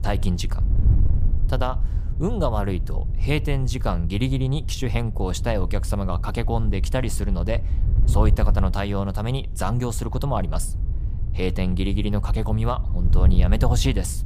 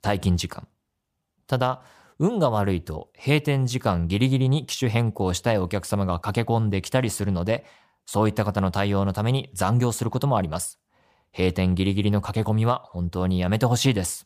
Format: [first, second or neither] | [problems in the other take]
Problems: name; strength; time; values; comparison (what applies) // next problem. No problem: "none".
second | wind noise on the microphone; occasional gusts; 15 dB below the speech